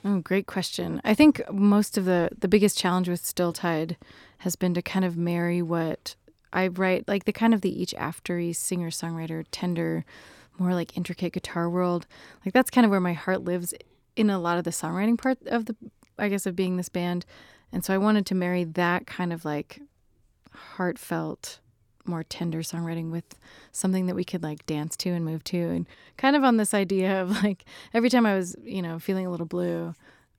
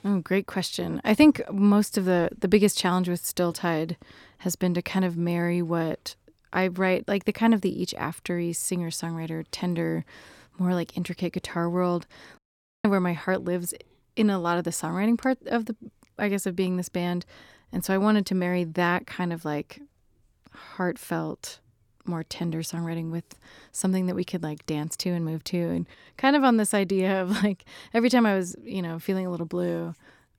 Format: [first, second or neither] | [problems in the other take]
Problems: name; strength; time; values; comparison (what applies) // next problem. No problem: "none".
first | audio cutting out; at 12 s